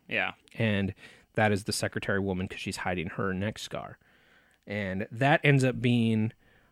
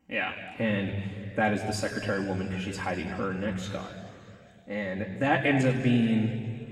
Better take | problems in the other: first | room echo; noticeable; dies away in 2.4 s // off-mic speech; far

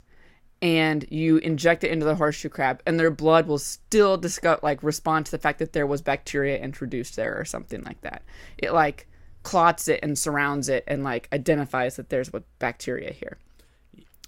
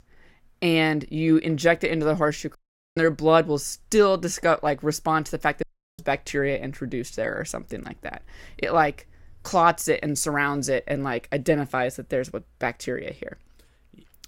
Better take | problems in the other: first | audio cutting out; at 2.5 s and at 5.5 s

